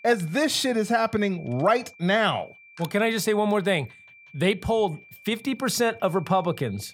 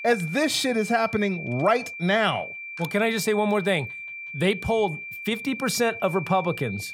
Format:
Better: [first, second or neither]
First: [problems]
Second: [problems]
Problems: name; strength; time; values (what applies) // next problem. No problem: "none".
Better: first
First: high-pitched whine; faint; throughout; 2.5 kHz, 25 dB below the speech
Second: high-pitched whine; loud; throughout; 2.5 kHz, 10 dB below the speech